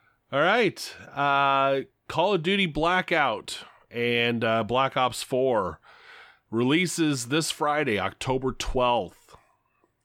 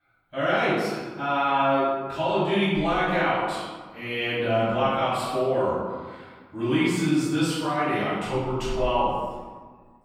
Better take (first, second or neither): first